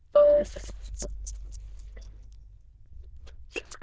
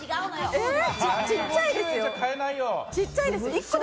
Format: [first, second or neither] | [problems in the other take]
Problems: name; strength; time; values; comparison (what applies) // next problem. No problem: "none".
second | noise reduction (neural diffusion model UNIVERSE++)